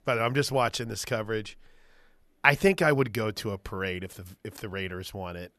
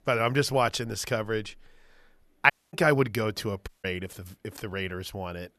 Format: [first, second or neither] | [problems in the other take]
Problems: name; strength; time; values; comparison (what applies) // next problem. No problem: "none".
first | audio cutting out; at 2.5 s and at 3.5 s